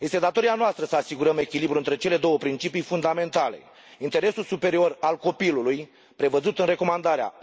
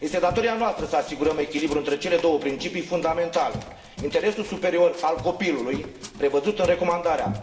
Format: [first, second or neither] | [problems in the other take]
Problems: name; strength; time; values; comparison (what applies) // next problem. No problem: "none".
first | background sound (Run); 15 dB below the speech // room echo; dies away in 1 s